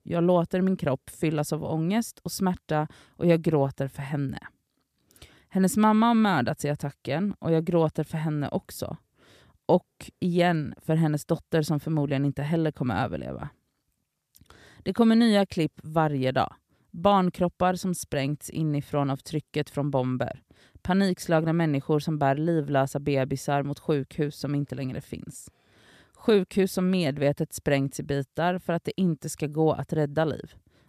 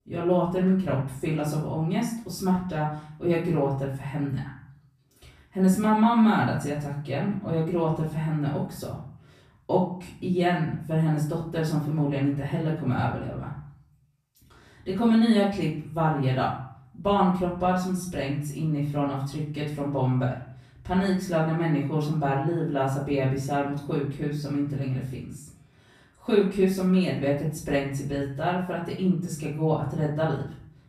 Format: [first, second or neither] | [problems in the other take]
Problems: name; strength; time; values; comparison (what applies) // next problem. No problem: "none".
first | off-mic speech; far // room echo; noticeable; dies away in 0.6 s